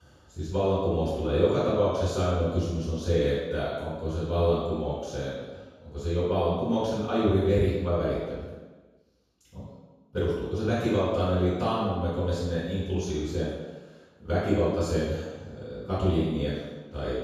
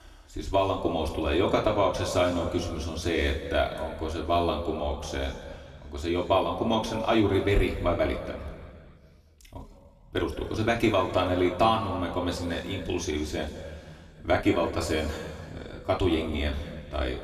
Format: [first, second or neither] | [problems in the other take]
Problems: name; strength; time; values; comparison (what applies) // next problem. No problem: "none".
second | room echo; strong; dies away in 1.2 s; slight in the second // off-mic speech; far; far in the second